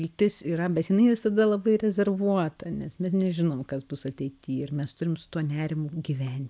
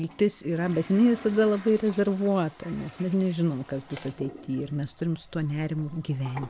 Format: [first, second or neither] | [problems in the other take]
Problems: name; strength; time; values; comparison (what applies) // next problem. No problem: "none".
first | background sound (Toilet flush); 19 dB below the speech